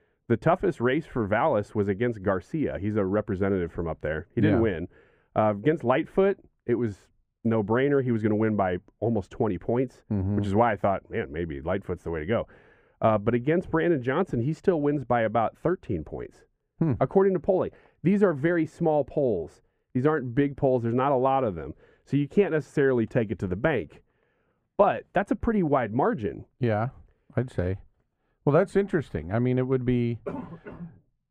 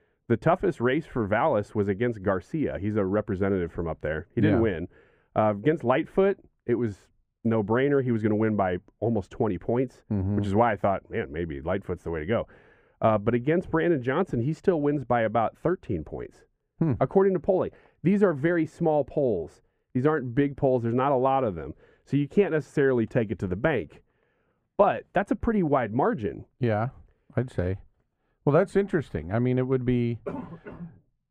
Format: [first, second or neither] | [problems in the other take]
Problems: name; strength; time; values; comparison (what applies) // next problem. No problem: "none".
neither | muffled; very; fading above 2.5 kHz; the same in both